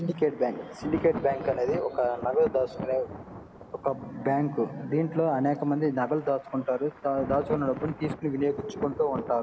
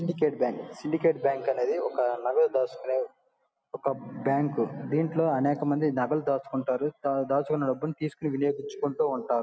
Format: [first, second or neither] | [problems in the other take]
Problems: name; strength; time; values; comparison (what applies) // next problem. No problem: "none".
second | background sound (Thunder); 12 dB below the speech